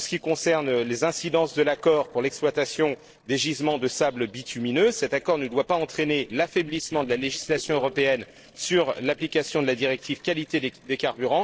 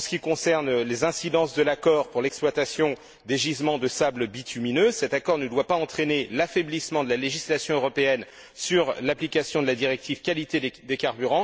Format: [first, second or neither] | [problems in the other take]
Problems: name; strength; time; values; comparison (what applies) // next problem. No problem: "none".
second | noise reduction (neural separator model SepFormer DNS4)